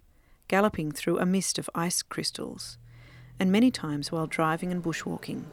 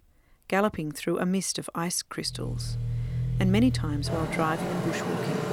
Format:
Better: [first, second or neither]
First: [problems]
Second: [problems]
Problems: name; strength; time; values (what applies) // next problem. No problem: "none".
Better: first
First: traffic noise; faint; from 2.5 s on; 25 dB below the speech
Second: traffic noise; loud; from 2.5 s on; 2 dB below the speech